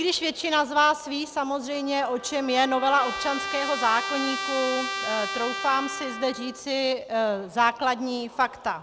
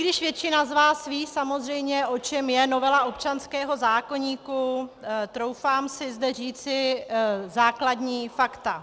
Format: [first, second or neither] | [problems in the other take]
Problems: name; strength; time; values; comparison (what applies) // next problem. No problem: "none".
second | background sound (Trumpet); 9 dB below the speech